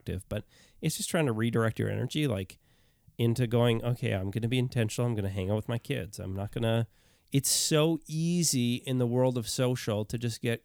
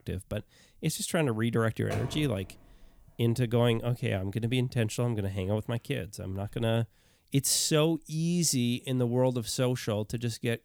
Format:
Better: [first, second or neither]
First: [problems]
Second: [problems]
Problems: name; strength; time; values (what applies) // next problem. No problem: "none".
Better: first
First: none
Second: door banging; noticeable; from 2 to 3 s; peak 9 dB below the speech